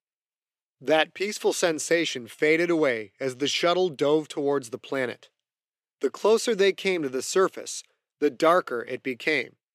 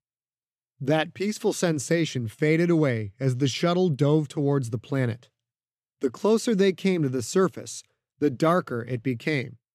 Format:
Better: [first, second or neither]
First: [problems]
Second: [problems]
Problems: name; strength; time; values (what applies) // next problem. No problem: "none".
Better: second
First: thin; somewhat; fading below 450 Hz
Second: none